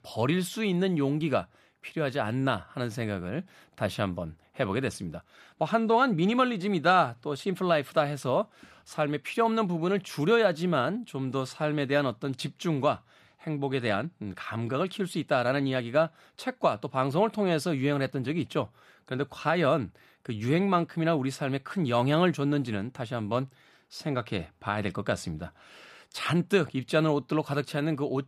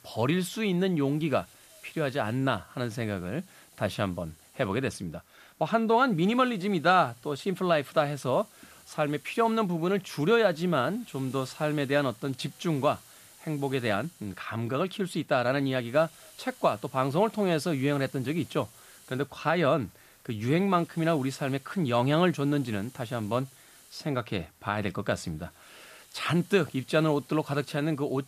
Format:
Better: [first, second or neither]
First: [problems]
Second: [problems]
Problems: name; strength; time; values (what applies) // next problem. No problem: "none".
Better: first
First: none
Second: hiss; faint; throughout; 25 dB below the speech